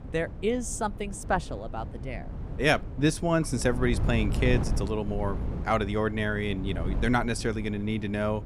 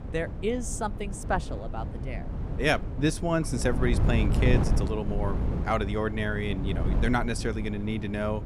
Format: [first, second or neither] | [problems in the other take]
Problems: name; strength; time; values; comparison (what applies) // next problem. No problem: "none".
first | wind noise on the microphone; heavy; 9 dB below the speech; occasional gusts in the first